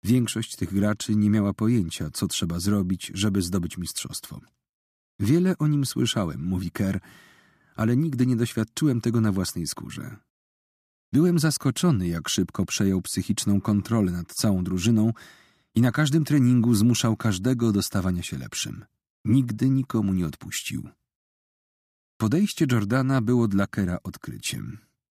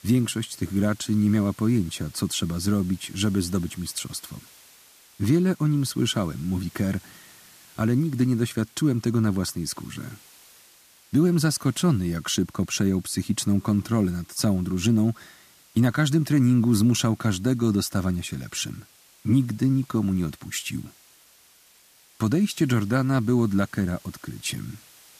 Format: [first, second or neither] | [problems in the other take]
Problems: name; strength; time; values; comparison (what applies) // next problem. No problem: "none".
first | hiss; faint; throughout; 25 dB below the speech